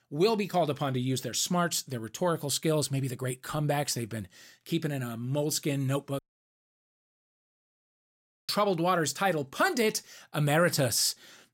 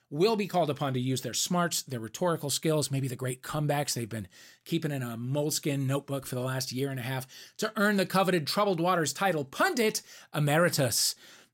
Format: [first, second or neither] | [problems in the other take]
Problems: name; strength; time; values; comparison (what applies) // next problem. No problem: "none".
second | audio cutting out; at 6 s for 2.5 s